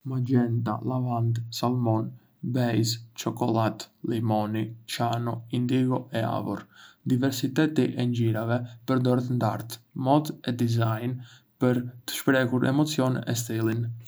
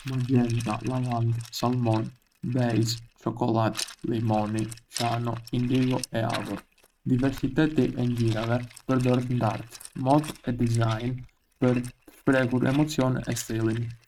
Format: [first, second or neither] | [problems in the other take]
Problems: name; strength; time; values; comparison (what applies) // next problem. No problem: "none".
first | noise reduction (neural mask model RNNoise)